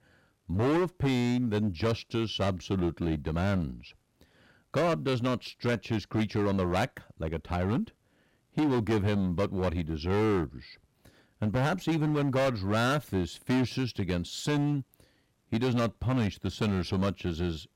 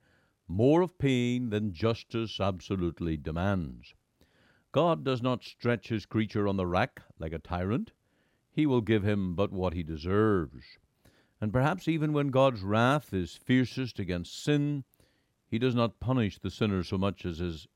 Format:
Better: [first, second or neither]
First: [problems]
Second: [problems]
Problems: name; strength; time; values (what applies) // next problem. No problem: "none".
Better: second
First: distortion; heavy; 12% of the sound clipped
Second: none